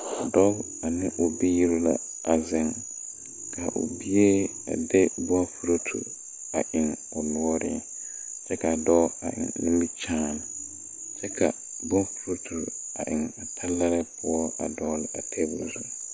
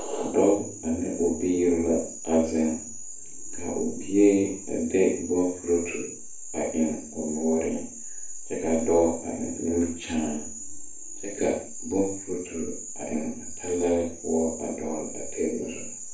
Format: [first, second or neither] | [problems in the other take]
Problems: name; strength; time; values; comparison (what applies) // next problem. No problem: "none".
first | room echo; dies away in 0.4 s